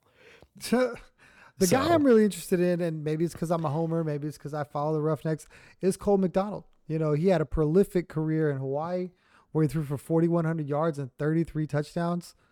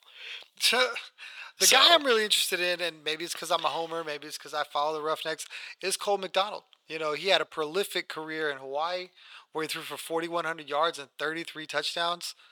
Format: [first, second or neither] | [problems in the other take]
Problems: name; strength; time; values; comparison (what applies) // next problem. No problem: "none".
first | thin; very; fading below 900 Hz